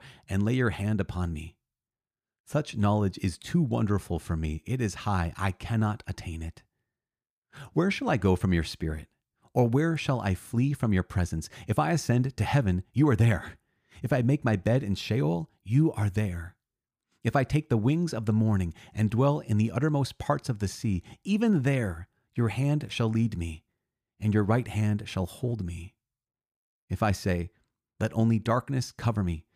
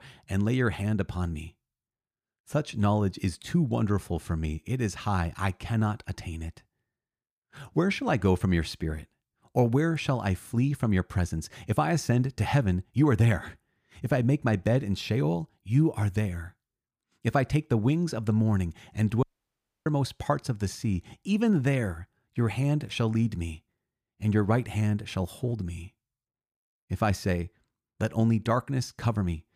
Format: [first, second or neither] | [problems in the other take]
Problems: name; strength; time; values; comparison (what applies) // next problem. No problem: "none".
first | audio cutting out; at 19 s for 0.5 s